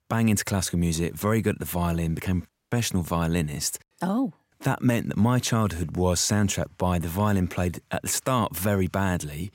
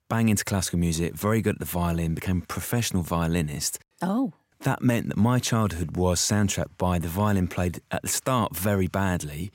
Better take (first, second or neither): second